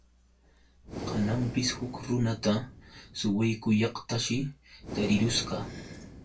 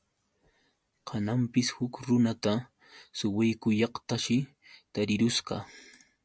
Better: second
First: background sound (Breathing); 11 dB below the speech // room echo; dies away in 0.2 s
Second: none

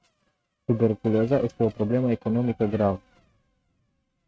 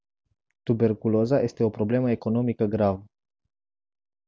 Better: second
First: noise reduction (neural mask model RNNoise)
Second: none

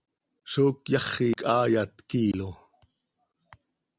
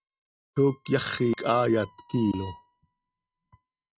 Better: first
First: none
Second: noise reduction (neural mask model RNNoise)

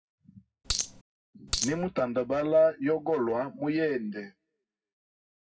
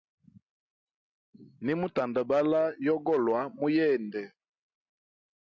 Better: second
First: background sound (Coin (dropping)); 2 dB below the speech // room echo; dies away in 0.4 s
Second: none

